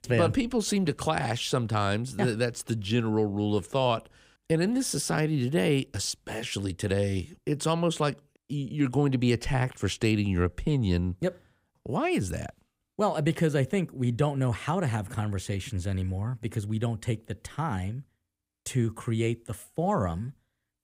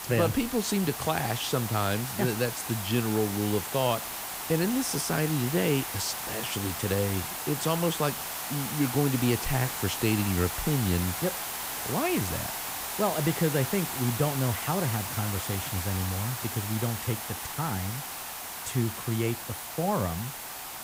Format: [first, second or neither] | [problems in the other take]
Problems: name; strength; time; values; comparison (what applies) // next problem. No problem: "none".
first | hiss; loud; throughout; 4 dB below the speech